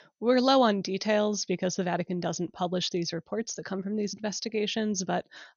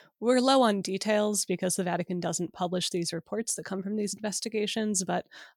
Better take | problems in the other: second | garbled, watery; slightly; nothing above 6.5 kHz

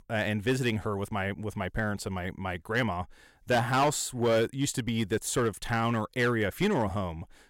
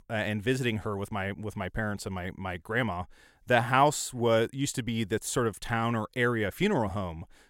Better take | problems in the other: second | distortion; slight; 3% of the sound clipped

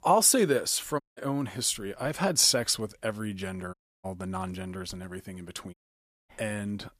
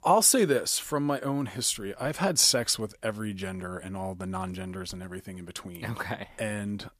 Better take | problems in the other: second | audio cutting out; at 1 s, at 3.5 s and at 5.5 s for 0.5 s

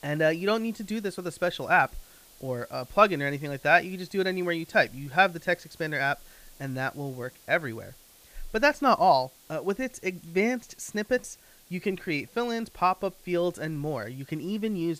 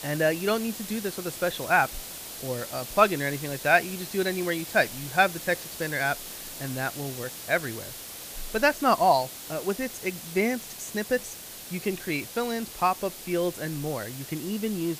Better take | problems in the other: first | hiss; loud; throughout; 10 dB below the speech; faint in the first

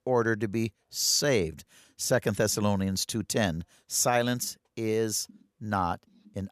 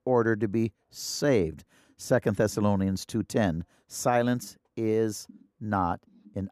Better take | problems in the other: first | muffled; slightly; fading above 2 kHz

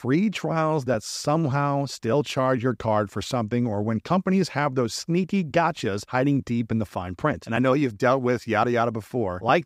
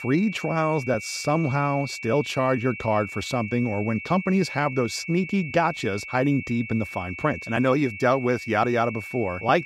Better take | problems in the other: first | high-pitched whine; noticeable; throughout; 2 kHz, 10 dB below the speech

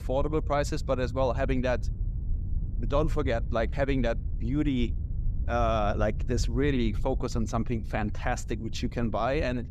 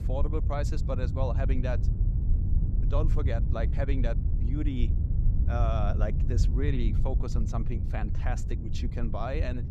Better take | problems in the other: first | low rumble; loud; throughout; 8 dB below the speech; faint in the first

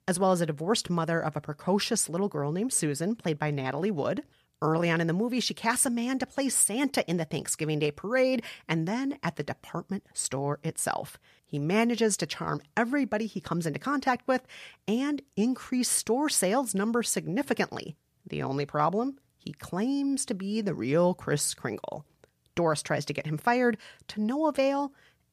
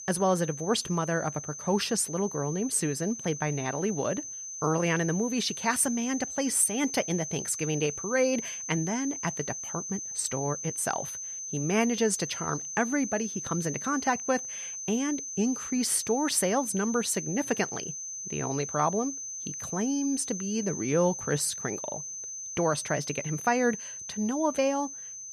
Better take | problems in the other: first | high-pitched whine; loud; throughout; 6 kHz, 6 dB below the speech

